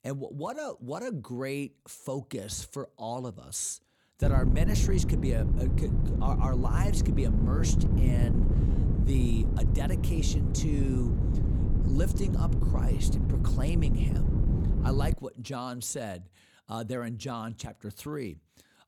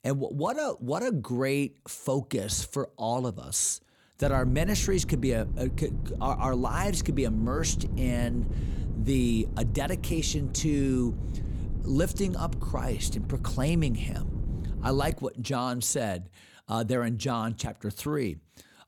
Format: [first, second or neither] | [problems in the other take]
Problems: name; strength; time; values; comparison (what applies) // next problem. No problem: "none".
second | wind noise on the microphone; heavy; from 4 to 15 s; 2 dB below the speech; occasional gusts in the second